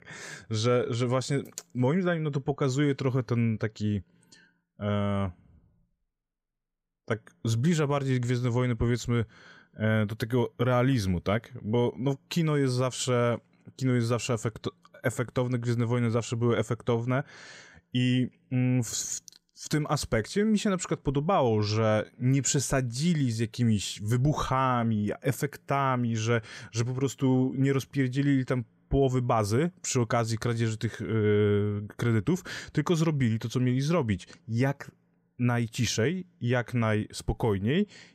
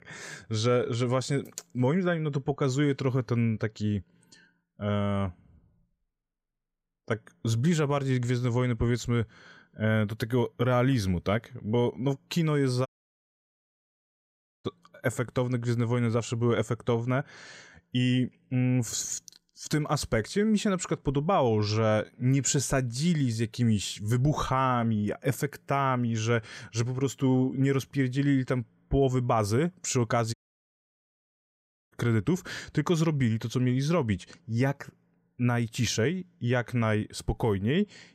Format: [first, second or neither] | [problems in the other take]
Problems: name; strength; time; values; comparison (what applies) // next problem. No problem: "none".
first | audio cutting out; at 13 s for 2 s and at 30 s for 1.5 s